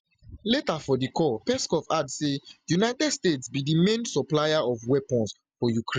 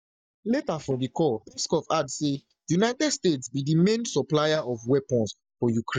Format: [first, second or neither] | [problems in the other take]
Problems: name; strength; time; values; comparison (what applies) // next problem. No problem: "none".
first | noise reduction (neural mask model DeepFilterNet 3)